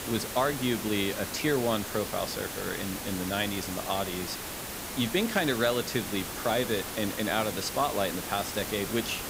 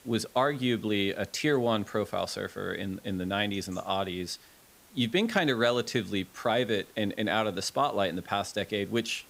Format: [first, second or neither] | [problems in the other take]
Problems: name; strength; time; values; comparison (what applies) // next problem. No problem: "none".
second | hiss; loud; throughout; 5 dB below the speech; faint in the second